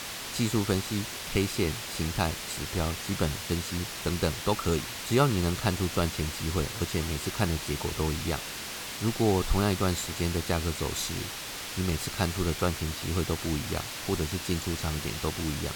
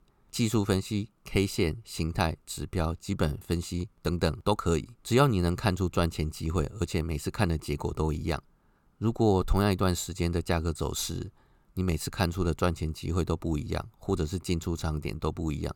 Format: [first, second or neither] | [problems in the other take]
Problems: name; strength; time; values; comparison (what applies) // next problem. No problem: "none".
second | hiss; loud; throughout; 5 dB below the speech